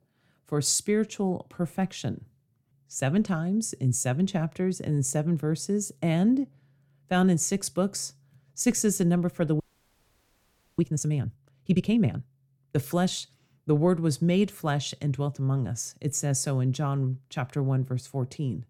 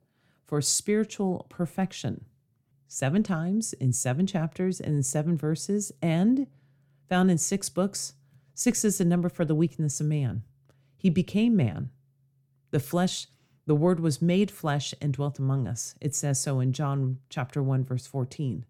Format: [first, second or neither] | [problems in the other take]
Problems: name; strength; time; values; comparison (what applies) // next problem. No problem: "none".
second | audio freezing; at 9.5 s for 1 s